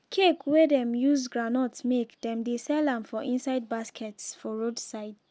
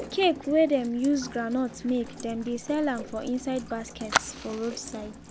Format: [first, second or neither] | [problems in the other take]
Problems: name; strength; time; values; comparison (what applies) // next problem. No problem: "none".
first | background sound (Fire + Rain); 9 dB below the speech